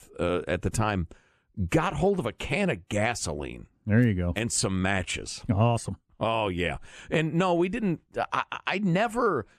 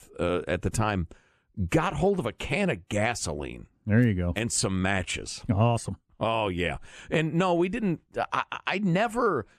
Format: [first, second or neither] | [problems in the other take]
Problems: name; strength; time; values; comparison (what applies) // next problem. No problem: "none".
neither | none